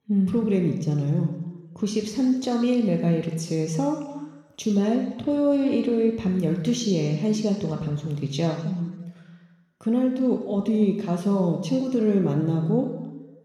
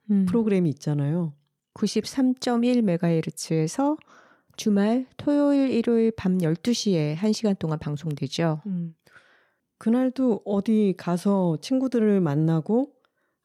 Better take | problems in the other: second | room echo; noticeable; dies away in 1.1 s

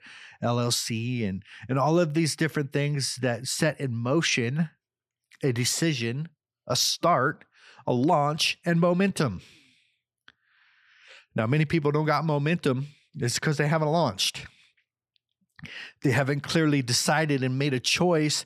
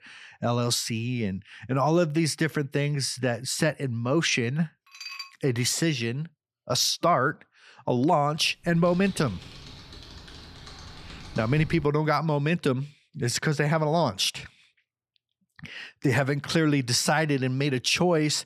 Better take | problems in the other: first | clattering dishes; faint; at 5 s; peak 10 dB below the speech // keyboard typing; faint; from 8.5 to 12 s; peak 15 dB below the speech

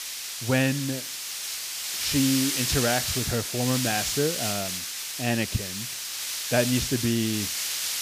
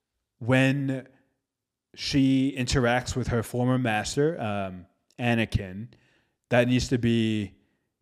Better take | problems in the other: second | hiss; loud; throughout; 1 dB below the speech

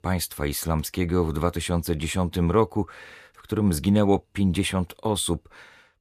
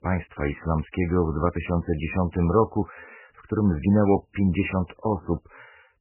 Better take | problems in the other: first | garbled, watery; badly; nothing above 3 kHz

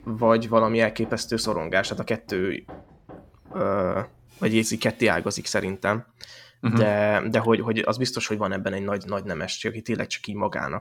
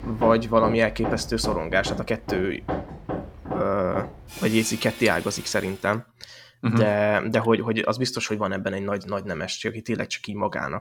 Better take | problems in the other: first | machinery noise; loud; until 5.5 s; 9 dB below the speech; faint in the first

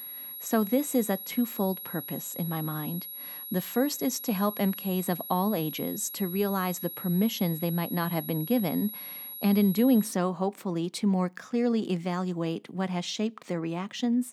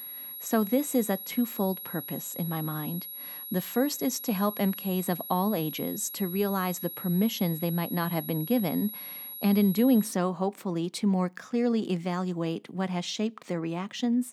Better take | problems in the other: neither | high-pitched whine; loud; until 10 s; 11.5 kHz, 8 dB below the speech; the same in both

